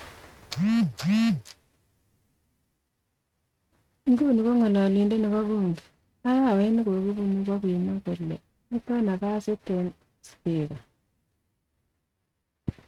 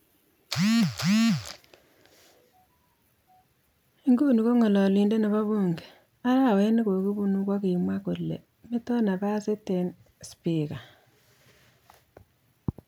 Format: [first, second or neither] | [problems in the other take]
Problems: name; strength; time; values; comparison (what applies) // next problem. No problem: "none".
second | noise reduction (neural mask model RNNoise)